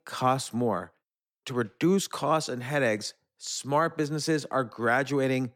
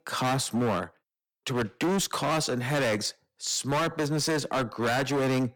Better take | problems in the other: first | distortion; heavy; 21% of the sound clipped

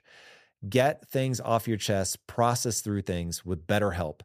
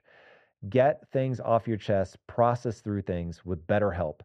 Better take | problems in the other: first | muffled; very; fading above 2 kHz

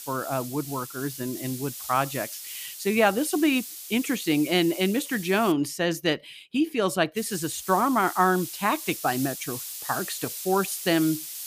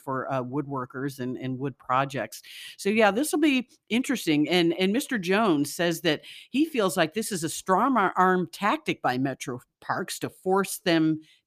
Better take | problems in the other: second | hiss; loud; until 5.5 s and from 7 s on; 10 dB below the speech

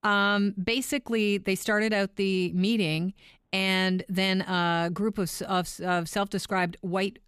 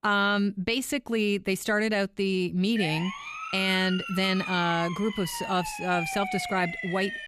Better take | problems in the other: first | siren; noticeable; from 3 s on; peak 4 dB below the speech

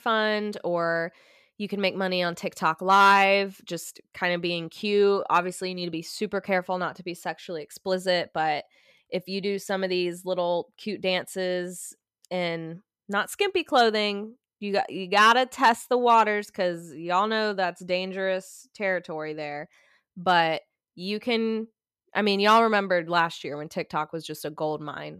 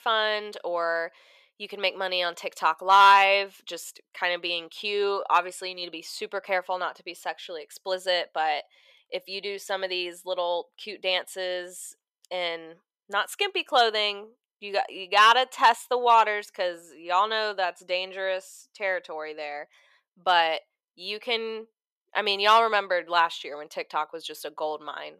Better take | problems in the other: first | thin; very; fading below 550 Hz

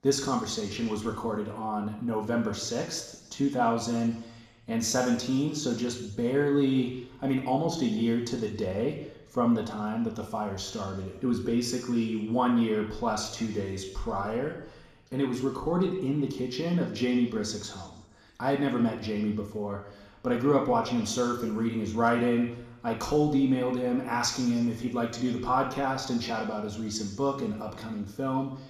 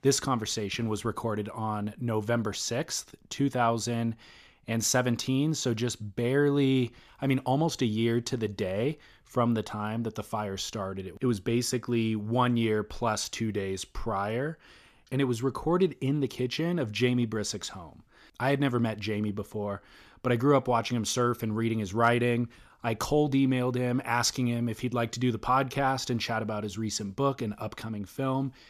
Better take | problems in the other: second | room echo; slight; dies away in 1 s // off-mic speech; somewhat distant

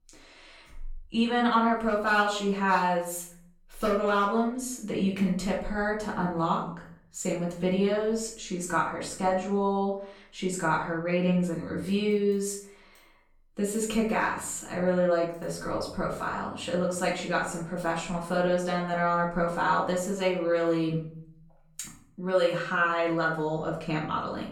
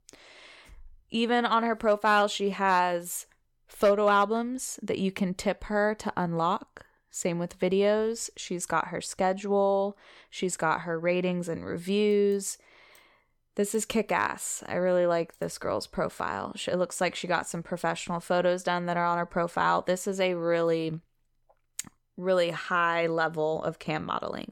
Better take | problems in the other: second | room echo; noticeable; dies away in 0.6 s // off-mic speech; far

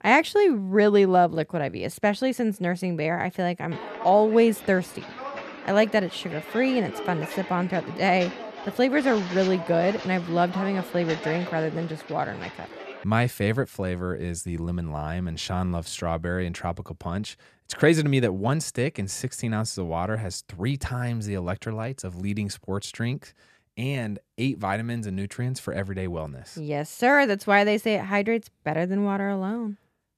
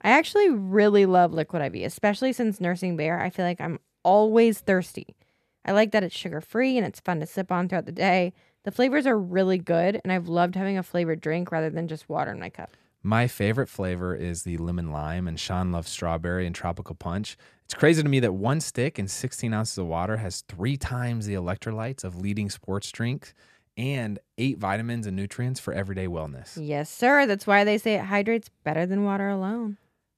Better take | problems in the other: second | footsteps; noticeable; from 3.5 to 13 s; peak 8 dB below the speech

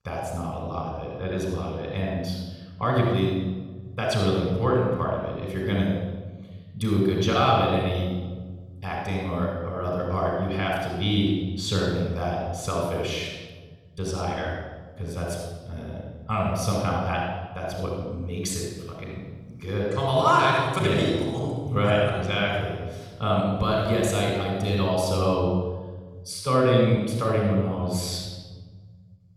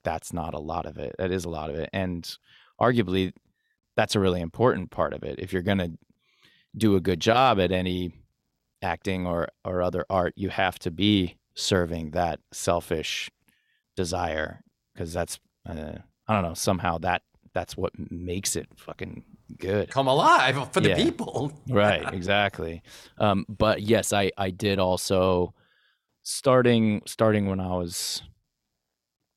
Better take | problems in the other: second | off-mic speech; somewhat distant // room echo; strong; dies away in 1.4 s

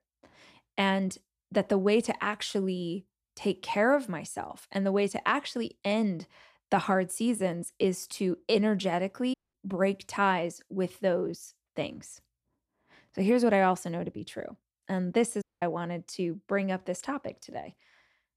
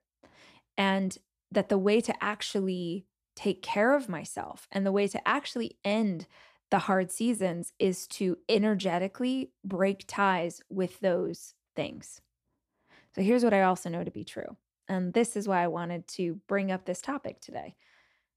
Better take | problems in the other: second | audio cutting out; at 9.5 s and at 15 s

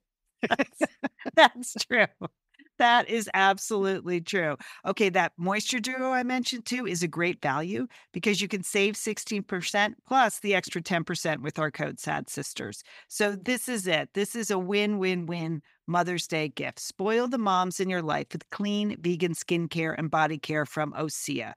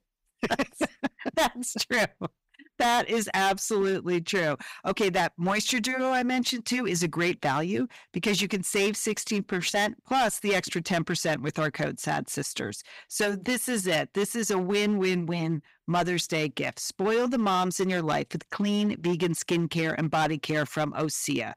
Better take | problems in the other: first | distortion; heavy; 9% of the sound clipped

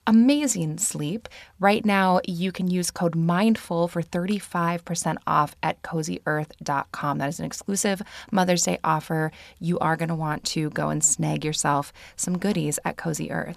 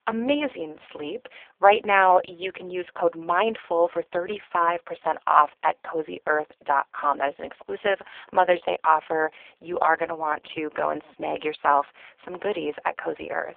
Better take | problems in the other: first | phone-call audio; poor line

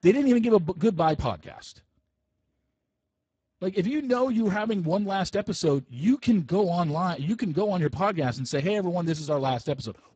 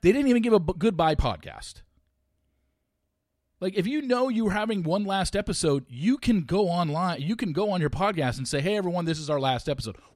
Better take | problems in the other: second | garbled, watery; badly; nothing above 8 kHz

